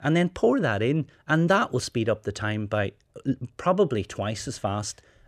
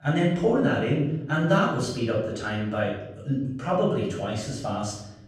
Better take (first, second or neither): first